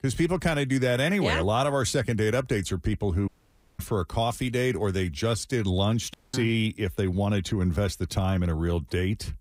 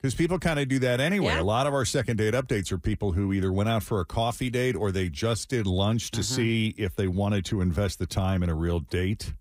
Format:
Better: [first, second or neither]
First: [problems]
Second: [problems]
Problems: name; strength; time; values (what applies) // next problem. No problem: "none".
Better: second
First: audio cutting out; at 3.5 s for 0.5 s and at 6 s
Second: none